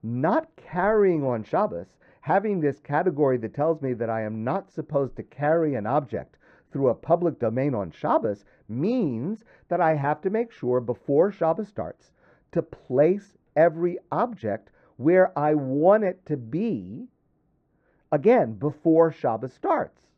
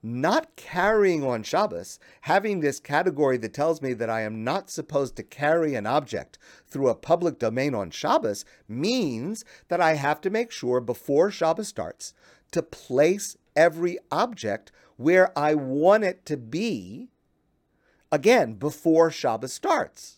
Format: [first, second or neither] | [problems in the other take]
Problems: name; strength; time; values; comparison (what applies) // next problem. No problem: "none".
second | muffled; very; fading above 1.5 kHz